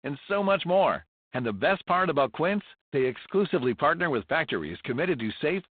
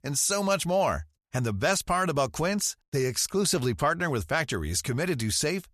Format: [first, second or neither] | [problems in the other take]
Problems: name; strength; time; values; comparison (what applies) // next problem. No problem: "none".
second | phone-call audio; poor line; nothing above 4 kHz